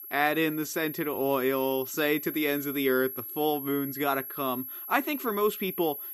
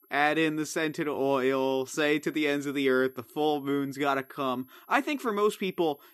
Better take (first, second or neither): second